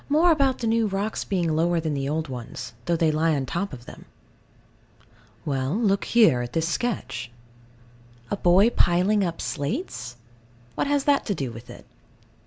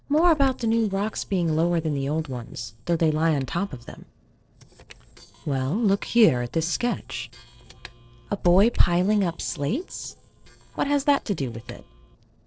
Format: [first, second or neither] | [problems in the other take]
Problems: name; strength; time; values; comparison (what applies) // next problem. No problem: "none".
first | noise reduction (neural separator model SepFormer DNS4)